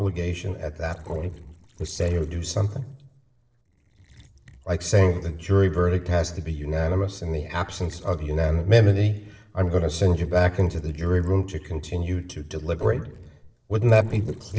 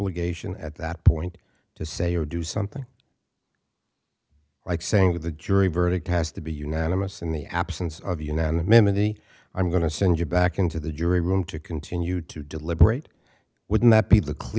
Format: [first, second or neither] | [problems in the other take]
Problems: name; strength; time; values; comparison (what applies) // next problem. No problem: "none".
second | noise reduction (neural separator model SepFormer DNS4)